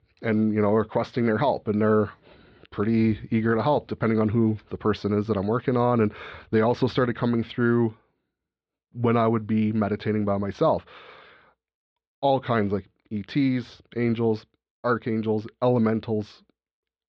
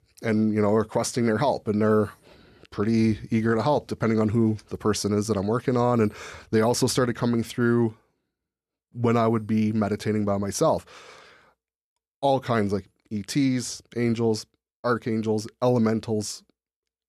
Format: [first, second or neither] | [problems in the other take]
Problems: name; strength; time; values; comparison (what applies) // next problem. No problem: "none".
second | muffled; slightly; fading above 4 kHz